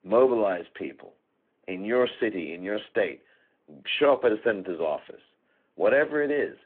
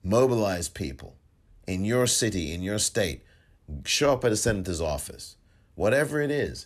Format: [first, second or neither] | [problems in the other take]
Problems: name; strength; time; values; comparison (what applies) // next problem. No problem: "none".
second | phone-call audio